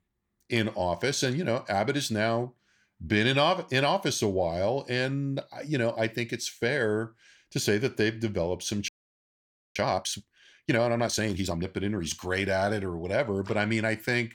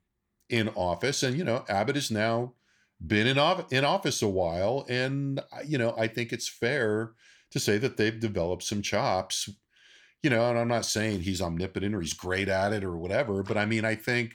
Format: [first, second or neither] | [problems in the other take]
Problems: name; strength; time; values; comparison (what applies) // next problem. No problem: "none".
second | audio freezing; at 9 s for 1 s